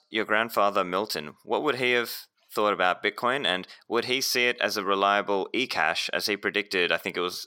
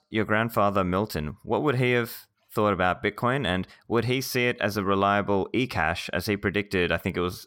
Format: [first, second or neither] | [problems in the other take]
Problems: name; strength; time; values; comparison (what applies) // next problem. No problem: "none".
second | thin; somewhat; fading below 350 Hz